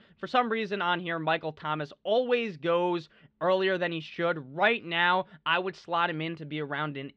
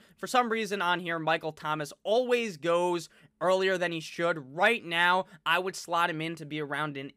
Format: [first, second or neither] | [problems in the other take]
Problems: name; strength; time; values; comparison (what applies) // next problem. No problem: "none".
second | muffled; slightly; fading above 3.5 kHz